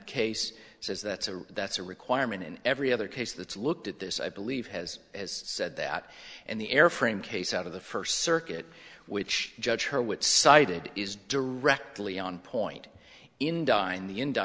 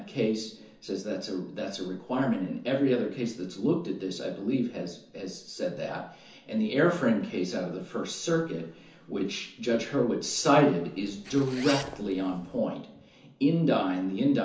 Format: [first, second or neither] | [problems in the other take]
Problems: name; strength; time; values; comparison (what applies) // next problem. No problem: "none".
first | background sound (Zipper (clothing)); 13 dB below the speech // room echo; dies away in 0.9 s